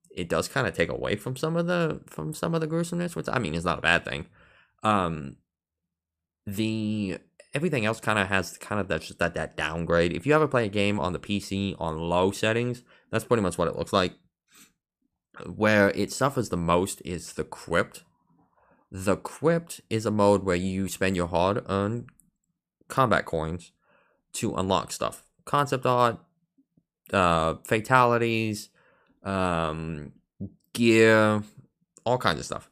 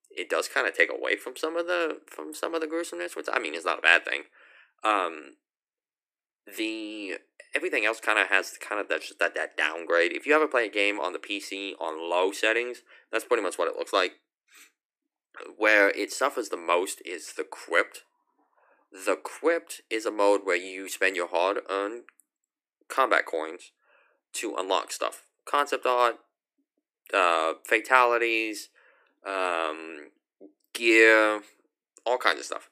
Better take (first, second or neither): first